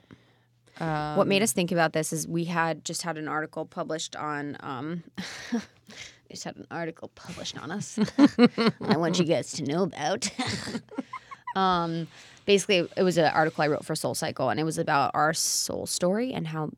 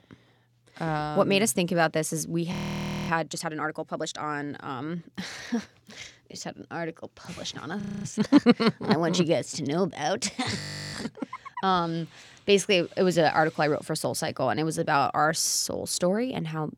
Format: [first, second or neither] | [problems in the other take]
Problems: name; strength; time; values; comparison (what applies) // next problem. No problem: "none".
first | audio freezing; at 2.5 s for 0.5 s, at 8 s and at 11 s